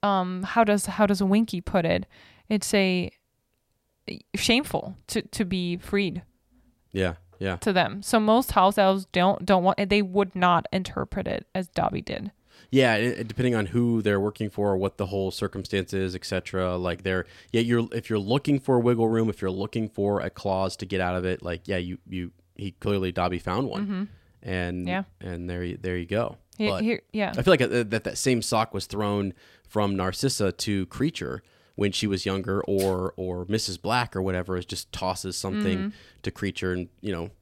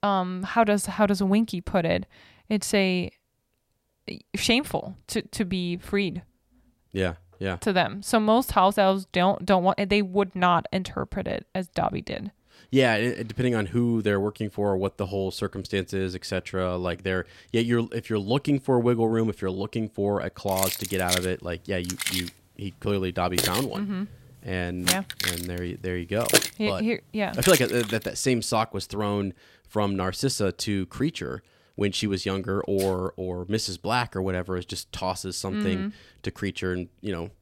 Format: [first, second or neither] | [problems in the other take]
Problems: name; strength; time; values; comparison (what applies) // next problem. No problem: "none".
first | jangling keys; loud; from 21 to 28 s; peak 5 dB above the speech